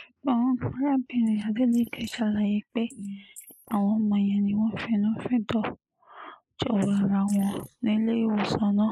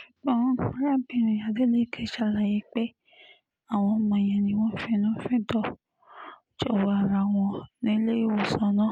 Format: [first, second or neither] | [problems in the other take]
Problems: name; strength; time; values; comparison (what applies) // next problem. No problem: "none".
second | noise reduction (neural mask model Resemble Enhance denoiser)